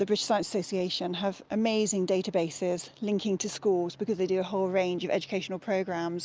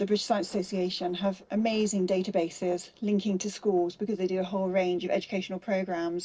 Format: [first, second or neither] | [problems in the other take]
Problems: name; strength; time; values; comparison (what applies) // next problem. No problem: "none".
first | noise reduction (neural separator model SepFormer DNS4)